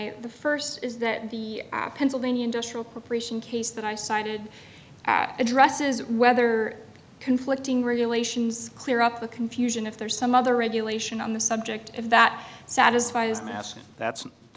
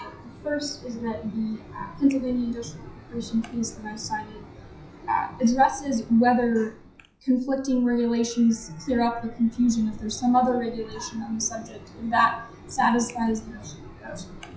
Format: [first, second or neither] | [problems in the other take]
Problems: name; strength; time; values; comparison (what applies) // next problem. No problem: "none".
first | noise reduction (classical method WPE with log-MMSE)